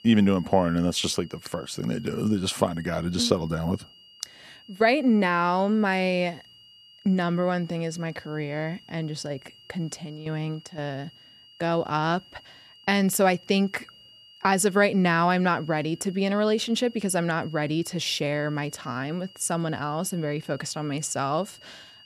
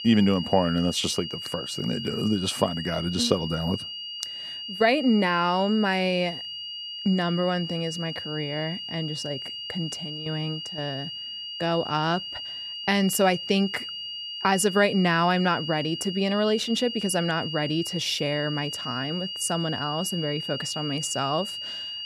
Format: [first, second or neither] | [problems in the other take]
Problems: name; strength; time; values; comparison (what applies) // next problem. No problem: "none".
first | high-pitched whine; loud; throughout; 3 kHz, 6 dB below the speech; faint in the first